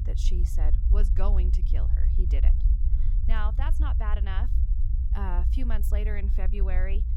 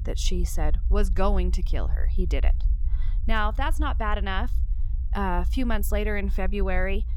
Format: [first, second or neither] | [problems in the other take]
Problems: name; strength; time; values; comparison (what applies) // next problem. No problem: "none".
second | low rumble; loud; throughout; 7 dB below the speech; faint in the second